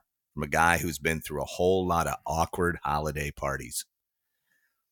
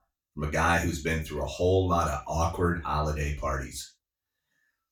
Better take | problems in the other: first | room echo; slight; dies away in 0.2 s // off-mic speech; far

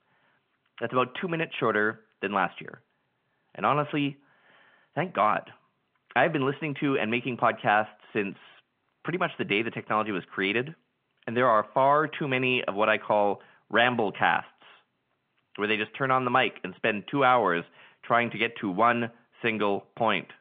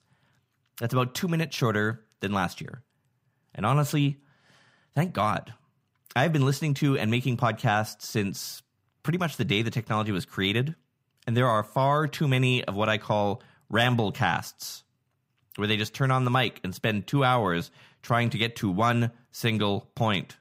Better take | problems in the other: second | phone-call audio

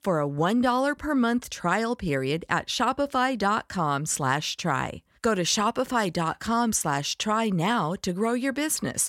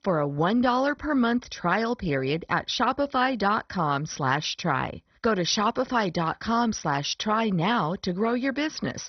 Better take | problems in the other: first | garbled, watery; badly; nothing above 6 kHz

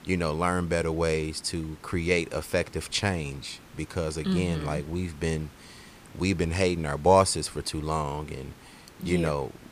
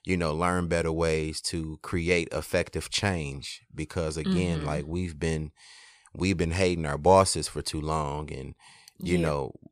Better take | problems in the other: second | hiss; faint; throughout; 25 dB below the speech

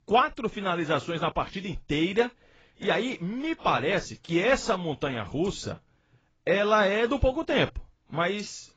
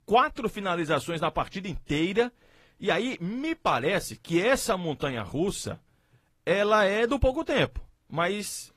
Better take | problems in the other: second | garbled, watery; badly; nothing above 7.5 kHz; slightly in the second

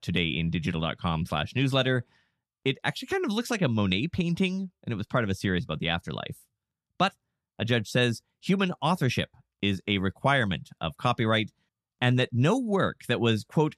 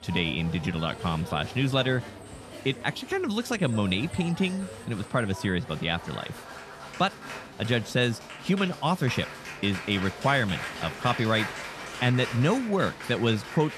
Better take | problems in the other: first | crowd noise; noticeable; throughout; 10 dB below the speech

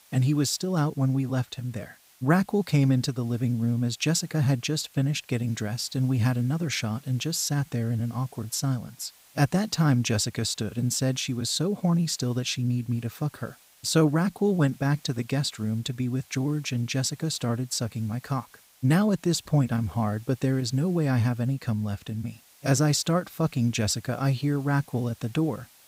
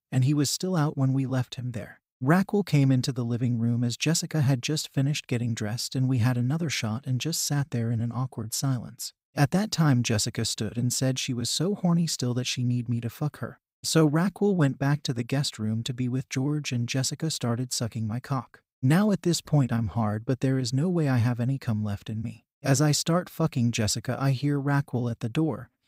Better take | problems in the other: second | hiss; faint; throughout; 25 dB below the speech

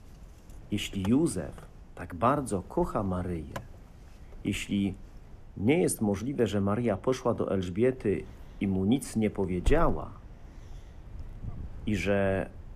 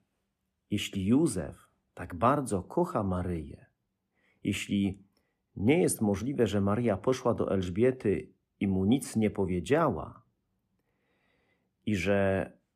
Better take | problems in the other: second | wind noise on the microphone; occasional gusts; 25 dB below the speech

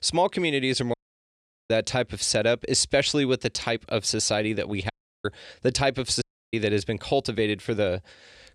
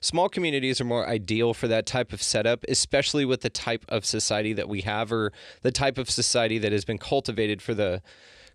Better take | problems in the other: second | audio cutting out; at 1 s for 1 s, at 5 s and at 6 s

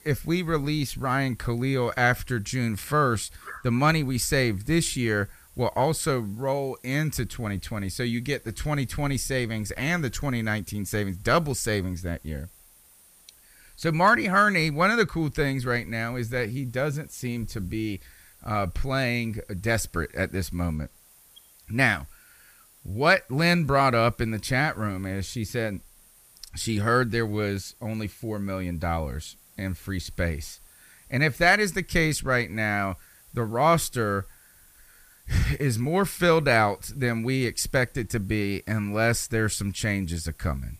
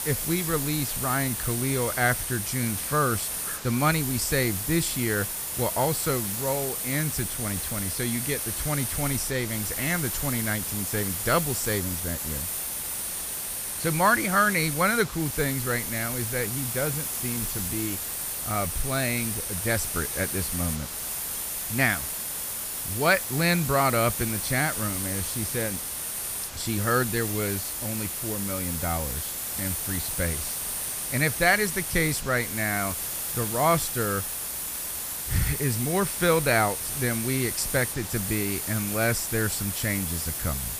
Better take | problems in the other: first | hiss; loud; throughout; 2 dB below the speech; faint in the first

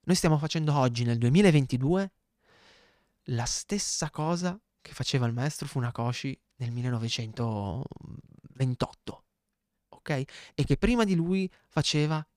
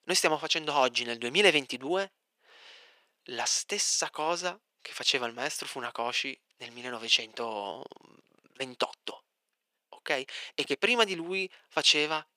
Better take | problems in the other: first | thin; very; fading below 400 Hz

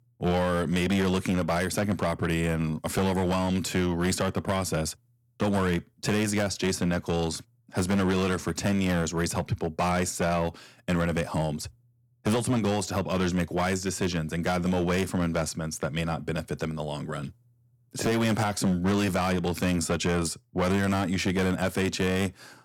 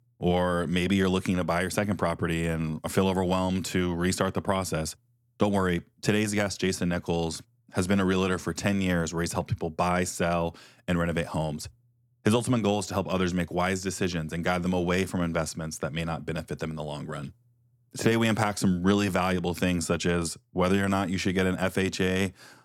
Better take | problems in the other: second | distortion; slight; 10% of the sound clipped

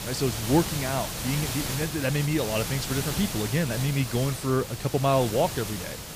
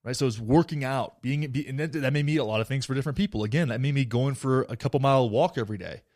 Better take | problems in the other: second | hiss; loud; throughout; 5 dB below the speech

